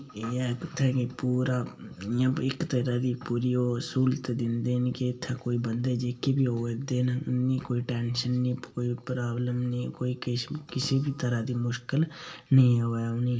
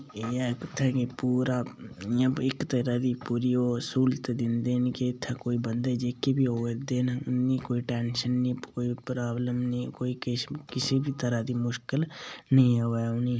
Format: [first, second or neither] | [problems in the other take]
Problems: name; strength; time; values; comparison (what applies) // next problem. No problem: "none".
second | room echo; dies away in 0.7 s